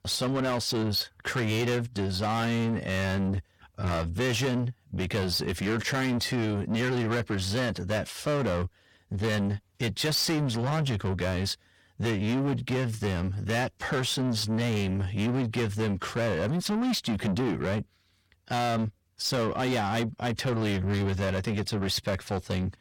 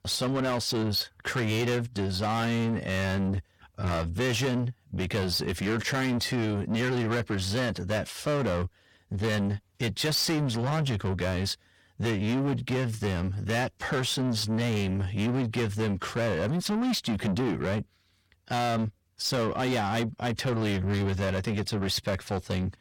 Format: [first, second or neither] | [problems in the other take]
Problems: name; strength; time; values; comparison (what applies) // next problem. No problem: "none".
neither | distortion; heavy; 7 dB below the speech; the same in both